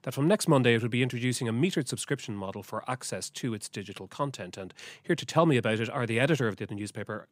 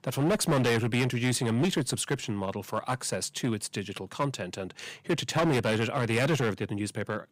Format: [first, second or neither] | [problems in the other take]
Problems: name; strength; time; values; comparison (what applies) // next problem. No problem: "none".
first | distortion; heavy; 10% of the sound clipped